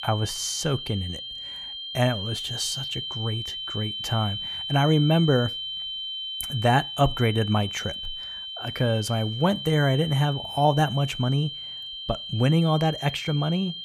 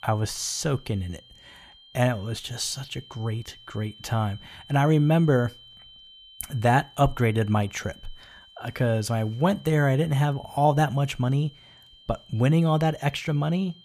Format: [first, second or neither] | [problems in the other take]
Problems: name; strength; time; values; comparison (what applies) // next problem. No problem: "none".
second | high-pitched whine; loud; throughout; 3 kHz, 7 dB below the speech; faint in the second